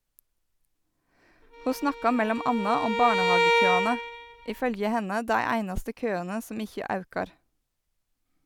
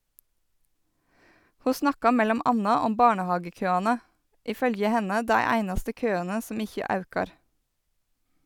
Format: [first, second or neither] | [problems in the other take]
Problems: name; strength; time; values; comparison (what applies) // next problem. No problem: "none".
second | background sound (Bowed string instrument); 2 dB above the speech